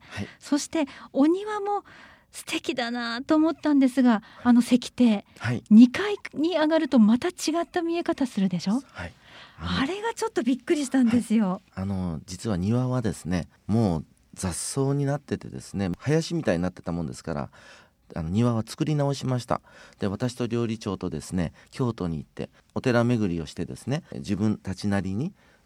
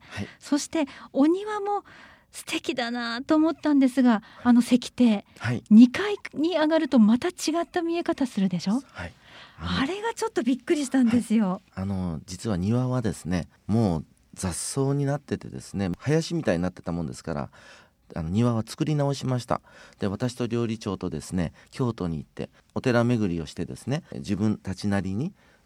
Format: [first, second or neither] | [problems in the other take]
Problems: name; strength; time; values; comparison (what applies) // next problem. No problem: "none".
neither | none